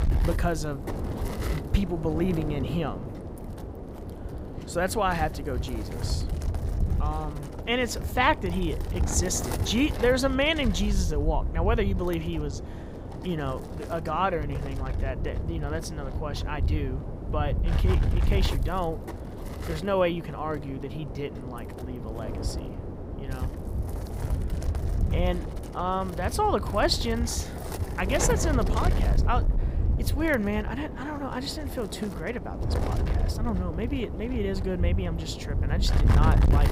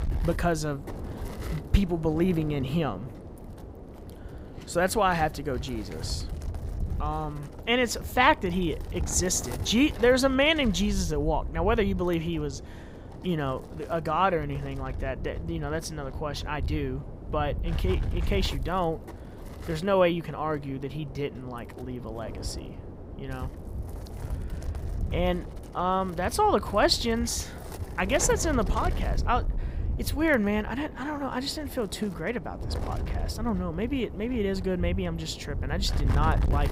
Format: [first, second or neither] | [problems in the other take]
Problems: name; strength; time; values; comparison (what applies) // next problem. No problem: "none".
second | wind noise on the microphone; heavy; 10 dB below the speech; occasional gusts in the second